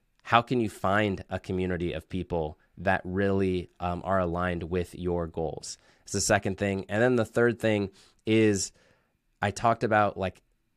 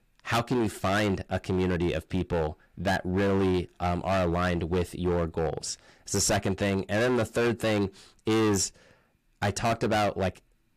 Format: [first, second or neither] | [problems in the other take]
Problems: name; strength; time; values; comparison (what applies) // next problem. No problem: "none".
first | distortion; heavy; 16% of the sound clipped